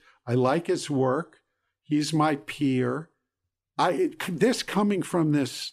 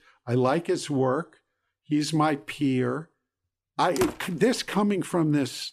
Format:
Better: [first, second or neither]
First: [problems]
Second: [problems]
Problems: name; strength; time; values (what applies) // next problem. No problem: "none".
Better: first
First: none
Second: door banging; noticeable; at 4 s; peak 7 dB below the speech